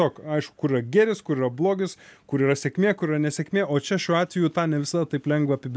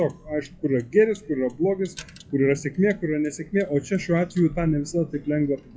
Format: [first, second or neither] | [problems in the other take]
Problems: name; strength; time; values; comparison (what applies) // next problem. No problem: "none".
first | noise reduction (classical method WPE with log-MMSE)